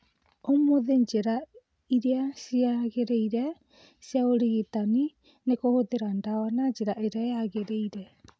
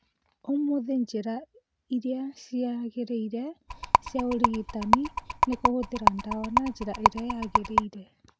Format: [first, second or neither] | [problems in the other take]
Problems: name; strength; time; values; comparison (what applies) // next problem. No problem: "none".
first | background sound (Rattle); 5 dB above the speech